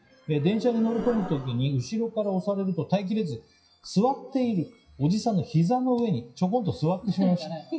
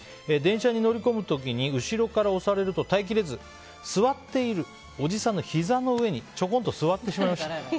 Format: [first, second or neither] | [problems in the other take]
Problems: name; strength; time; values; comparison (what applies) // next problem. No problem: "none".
second | noise reduction (classical method WPE with log-MMSE)